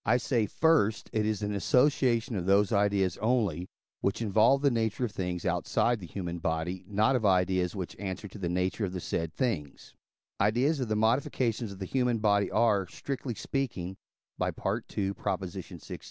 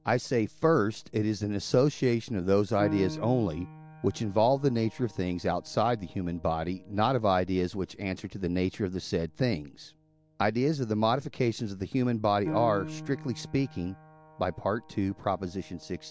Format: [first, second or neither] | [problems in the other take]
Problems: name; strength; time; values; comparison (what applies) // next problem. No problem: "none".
first | background sound (Piano); 16 dB below the speech